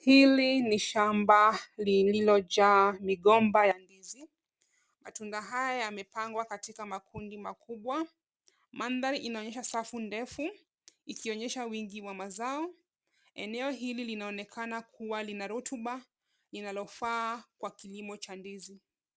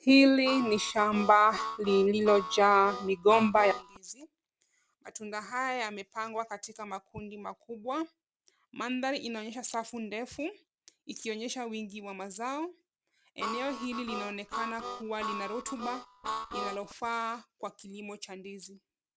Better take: first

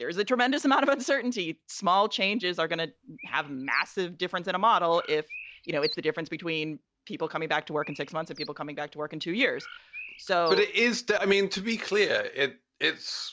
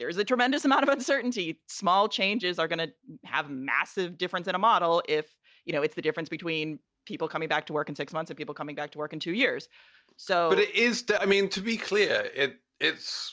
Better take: second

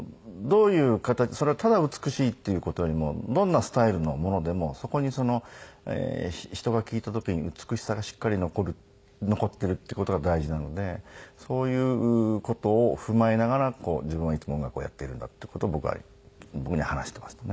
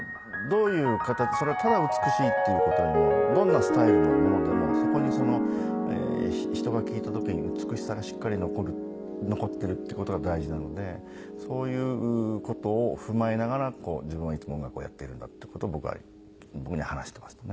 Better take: first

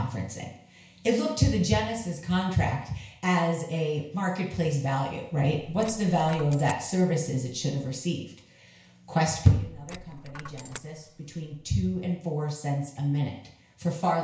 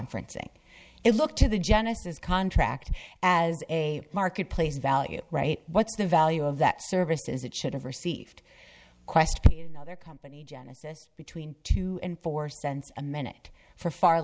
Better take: second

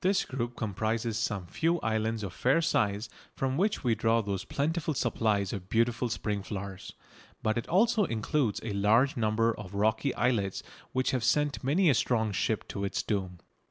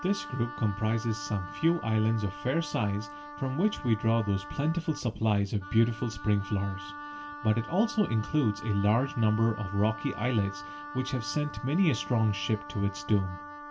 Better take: first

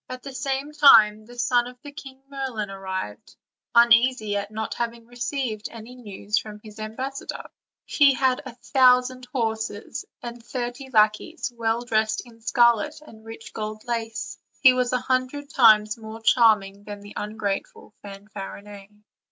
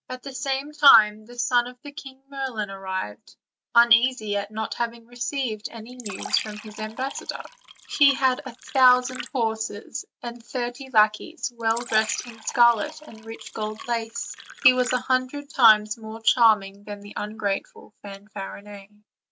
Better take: first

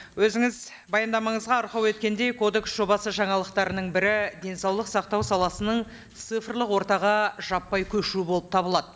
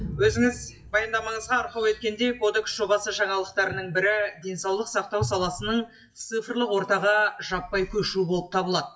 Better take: first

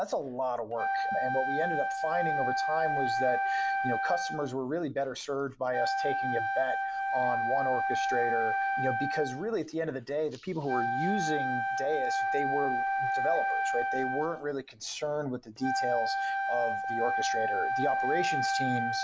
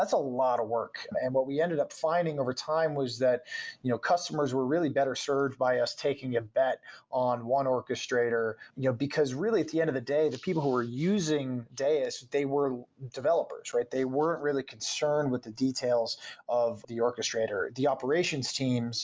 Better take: second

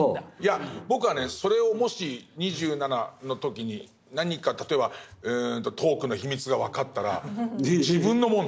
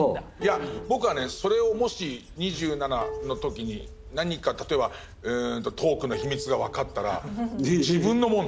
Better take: first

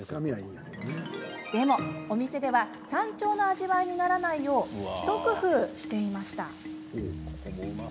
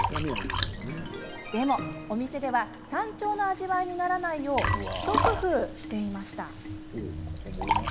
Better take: first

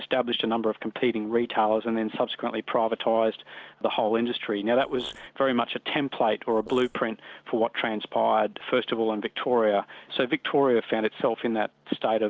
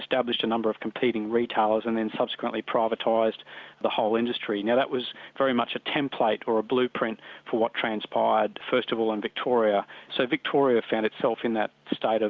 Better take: second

